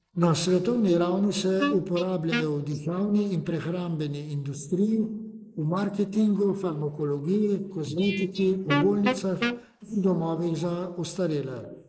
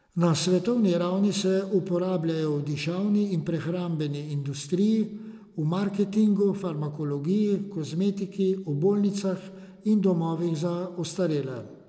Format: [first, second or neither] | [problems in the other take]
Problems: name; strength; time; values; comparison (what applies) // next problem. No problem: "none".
second | noise reduction (neural mask model Resemble Enhance denoiser)